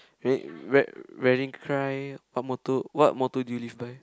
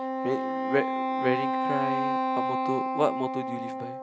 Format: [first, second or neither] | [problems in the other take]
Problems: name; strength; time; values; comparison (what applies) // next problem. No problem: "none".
first | background sound (Wind instrument, woodwind instrument); 3 dB above the speech